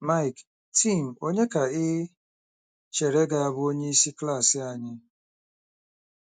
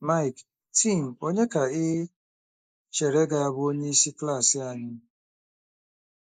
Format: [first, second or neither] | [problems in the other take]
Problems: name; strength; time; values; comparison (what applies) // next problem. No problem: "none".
first | noise reduction (neural mask model Resemble Enhance denoiser)